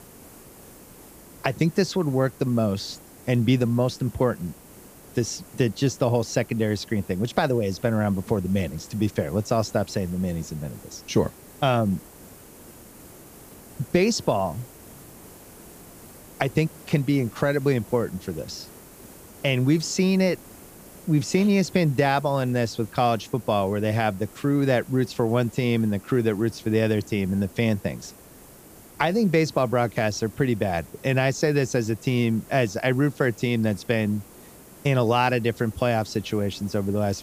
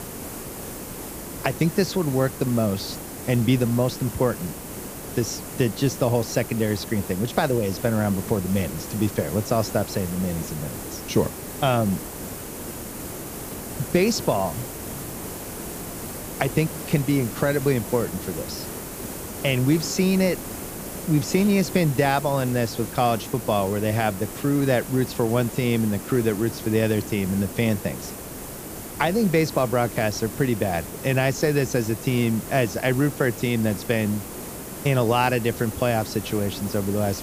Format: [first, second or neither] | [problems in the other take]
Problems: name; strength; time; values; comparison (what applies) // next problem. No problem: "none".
first | hiss; loud; throughout; 10 dB below the speech; faint in the first